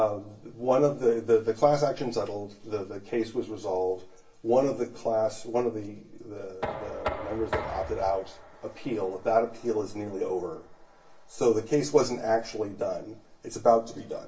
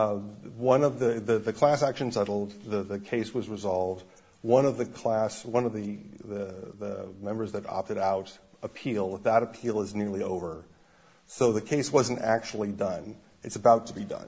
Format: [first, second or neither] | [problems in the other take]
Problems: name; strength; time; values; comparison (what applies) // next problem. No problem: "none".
second | background sound (Knock); 16 dB below the speech // room echo; dies away in 0.2 s